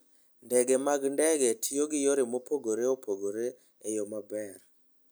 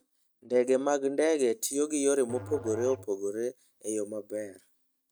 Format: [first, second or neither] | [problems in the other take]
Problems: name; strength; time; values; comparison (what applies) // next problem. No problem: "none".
first | noise reduction (neural mask model RNNoise)